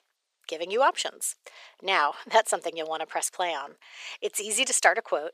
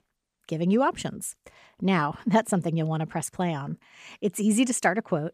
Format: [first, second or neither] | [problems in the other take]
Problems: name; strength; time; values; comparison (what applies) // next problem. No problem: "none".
second | thin; very; fading below 450 Hz